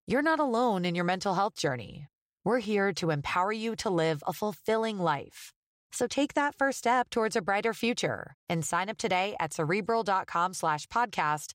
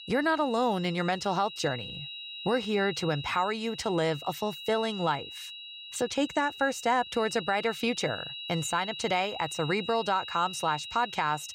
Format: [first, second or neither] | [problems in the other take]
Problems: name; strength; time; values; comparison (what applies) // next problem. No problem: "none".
first | high-pitched whine; loud; throughout; 4 kHz, 10 dB below the speech